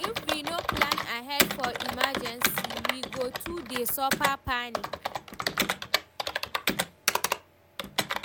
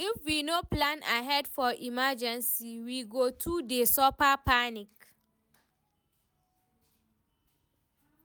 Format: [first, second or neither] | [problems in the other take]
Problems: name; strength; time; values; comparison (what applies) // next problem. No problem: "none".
second | background sound (Computer keyboard); 4 dB above the speech